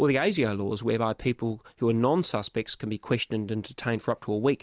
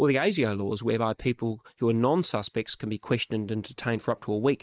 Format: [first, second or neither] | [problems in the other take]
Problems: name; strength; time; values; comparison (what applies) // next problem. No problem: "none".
first | noise reduction (neural mask model Resemble Enhance denoiser)